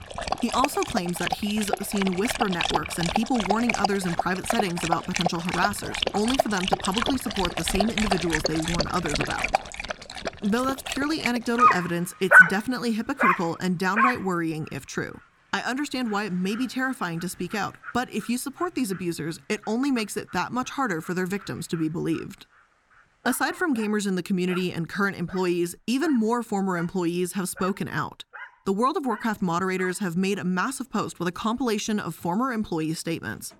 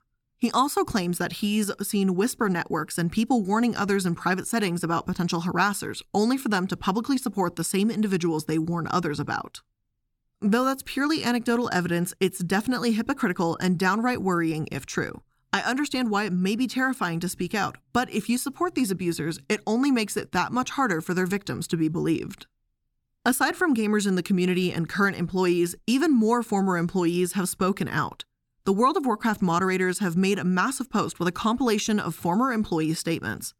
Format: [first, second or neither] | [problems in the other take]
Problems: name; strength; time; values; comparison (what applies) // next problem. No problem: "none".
second | animal sounds; very loud; throughout; 2 dB above the speech